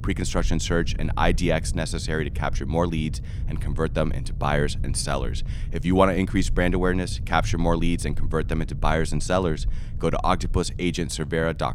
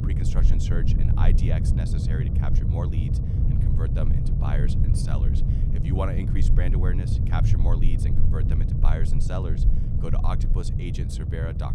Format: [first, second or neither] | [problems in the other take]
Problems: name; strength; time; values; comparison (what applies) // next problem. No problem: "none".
first | low rumble; loud; throughout; 1 dB below the speech; faint in the first